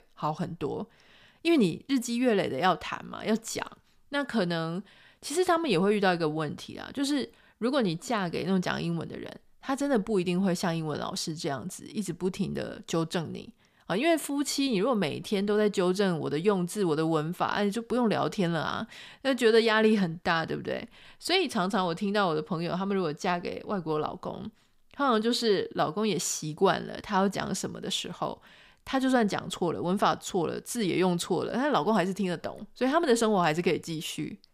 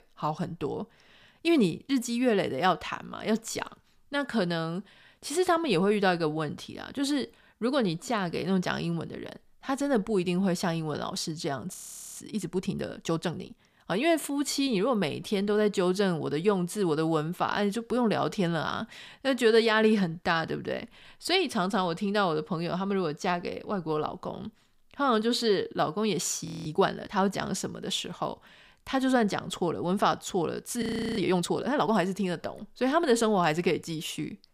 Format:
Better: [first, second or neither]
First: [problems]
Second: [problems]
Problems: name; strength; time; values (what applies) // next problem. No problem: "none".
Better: first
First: none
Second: audio freezing; at 12 s, at 26 s and at 31 s